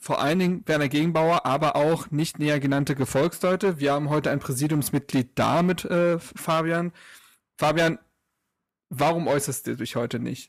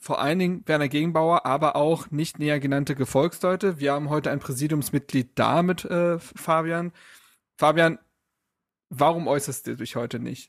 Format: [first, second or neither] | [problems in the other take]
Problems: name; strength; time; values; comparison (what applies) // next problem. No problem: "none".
second | distortion; slight; 9% of the sound clipped